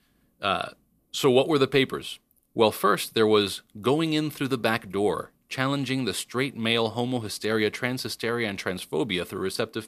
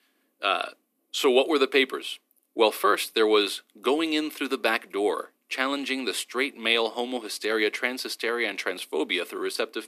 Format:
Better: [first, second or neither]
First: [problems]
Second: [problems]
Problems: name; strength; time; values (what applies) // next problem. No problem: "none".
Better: first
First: none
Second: thin; very slightly; fading below 250 Hz